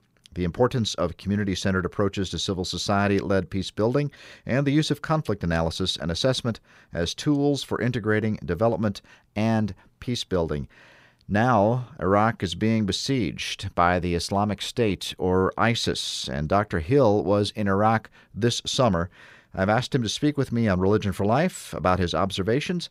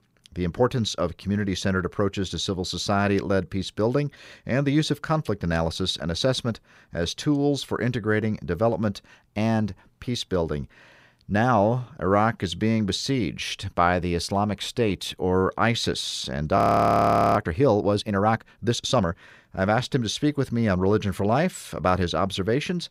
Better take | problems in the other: first | audio freezing; at 17 s for 1 s

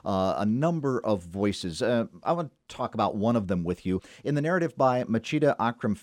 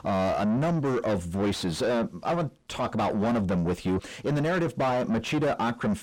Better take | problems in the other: first | distortion; heavy; 7 dB below the speech

